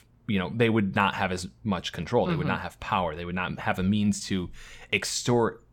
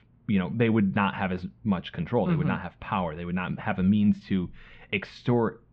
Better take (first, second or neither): first